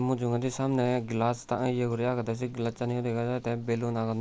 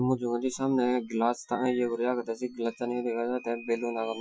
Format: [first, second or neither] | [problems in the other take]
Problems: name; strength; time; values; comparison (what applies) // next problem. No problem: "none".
first | noise reduction (classical method Wiener filter)